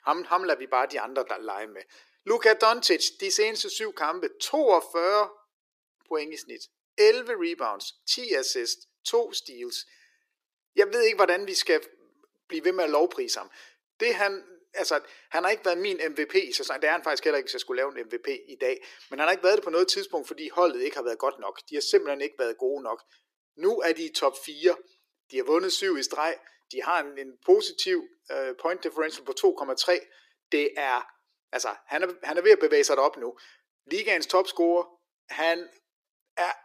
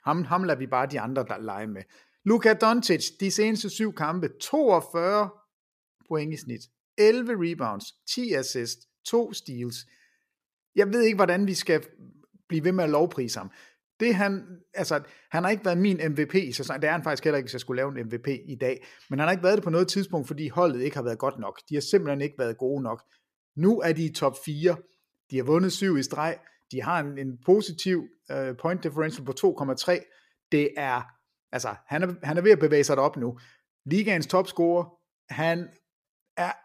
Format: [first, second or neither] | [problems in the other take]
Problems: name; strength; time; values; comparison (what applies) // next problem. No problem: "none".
second | thin; very; fading below 350 Hz